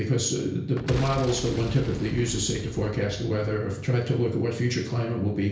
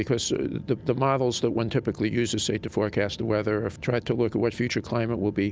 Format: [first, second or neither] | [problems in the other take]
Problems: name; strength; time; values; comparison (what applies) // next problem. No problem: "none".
second | background sound (Boom); 12 dB below the speech // room echo; dies away in 0.5 s